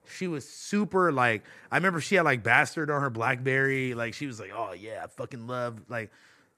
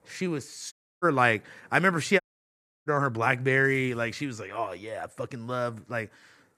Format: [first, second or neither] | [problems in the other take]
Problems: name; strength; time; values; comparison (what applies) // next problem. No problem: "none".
first | audio cutting out; at 0.5 s and at 2 s for 0.5 s